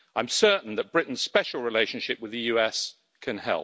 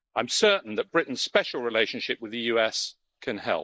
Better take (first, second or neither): first